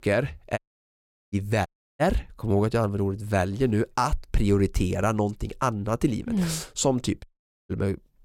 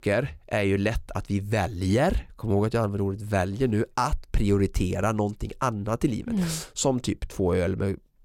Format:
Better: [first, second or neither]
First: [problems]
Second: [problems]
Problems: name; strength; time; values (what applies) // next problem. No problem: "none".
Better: second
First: audio cutting out; at 0.5 s for 0.5 s, at 1.5 s and at 7 s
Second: none